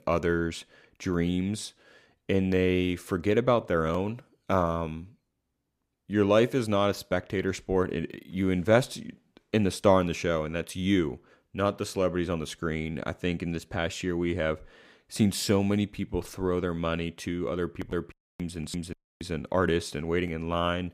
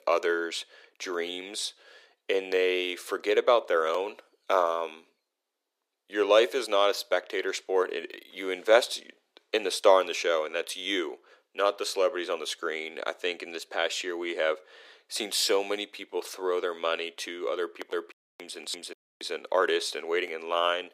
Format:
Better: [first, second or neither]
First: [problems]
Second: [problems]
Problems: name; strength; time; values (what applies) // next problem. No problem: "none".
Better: first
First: none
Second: thin; very; fading below 400 Hz